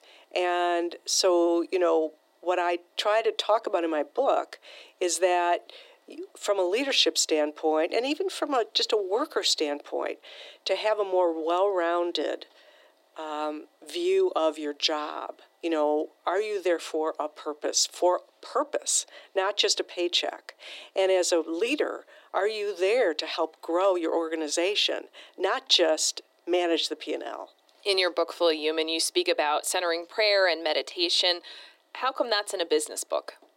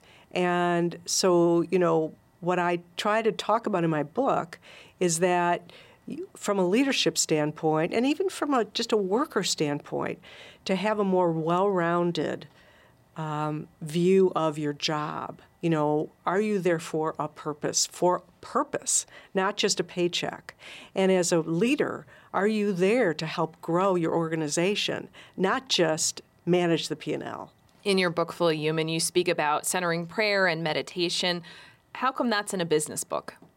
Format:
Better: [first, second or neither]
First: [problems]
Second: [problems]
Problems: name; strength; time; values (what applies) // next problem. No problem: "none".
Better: second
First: thin; very; fading below 300 Hz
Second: none